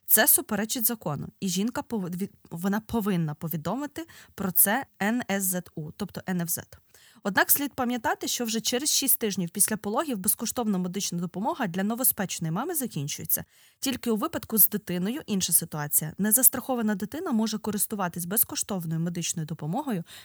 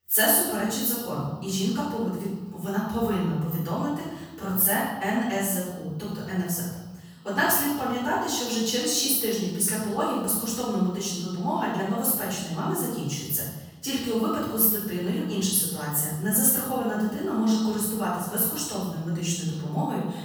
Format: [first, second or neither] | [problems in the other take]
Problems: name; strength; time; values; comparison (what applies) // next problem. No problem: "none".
first | off-mic speech; far // room echo; strong; dies away in 1.1 s